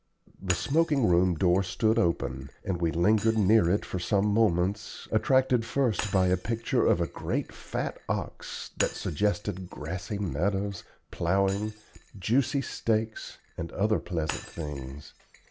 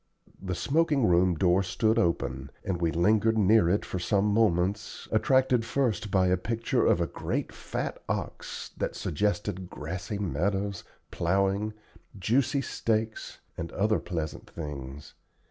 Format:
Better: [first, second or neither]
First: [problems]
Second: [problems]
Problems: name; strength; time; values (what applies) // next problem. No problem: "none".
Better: second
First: background sound (Shatter); 18 dB below the speech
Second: none